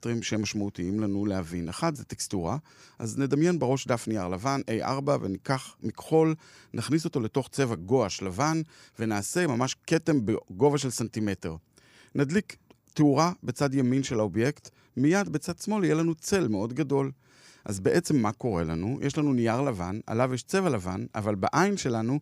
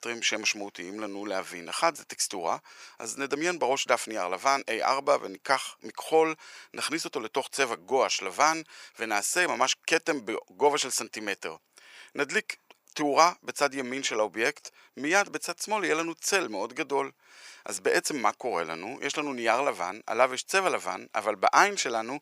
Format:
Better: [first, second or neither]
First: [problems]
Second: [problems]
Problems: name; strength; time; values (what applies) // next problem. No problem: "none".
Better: first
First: none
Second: thin; very; fading below 700 Hz